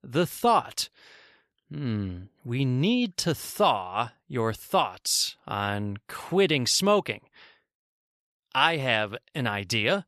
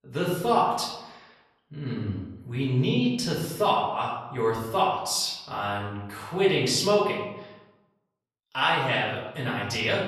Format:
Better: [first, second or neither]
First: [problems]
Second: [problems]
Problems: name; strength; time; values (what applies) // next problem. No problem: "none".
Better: first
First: none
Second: room echo; noticeable; dies away in 0.8 s // off-mic speech; far